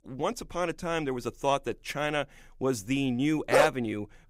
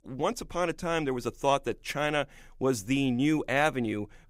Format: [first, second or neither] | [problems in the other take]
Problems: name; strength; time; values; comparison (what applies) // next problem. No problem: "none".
second | dog barking; loud; at 3.5 s; peak 4 dB above the speech